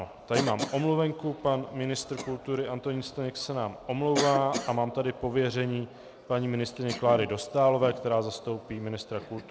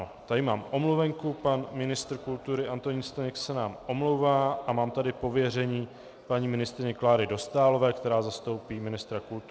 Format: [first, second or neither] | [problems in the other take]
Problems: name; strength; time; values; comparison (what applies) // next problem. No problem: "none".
second | background sound (Cough); 12 dB below the speech